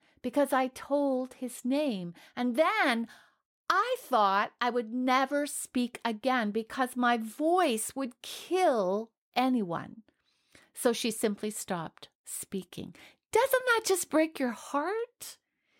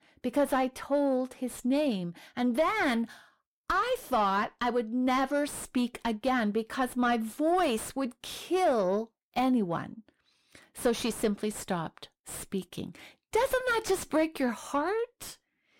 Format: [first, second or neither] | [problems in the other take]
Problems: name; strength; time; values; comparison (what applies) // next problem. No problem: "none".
first | distortion; slight; 10 dB below the speech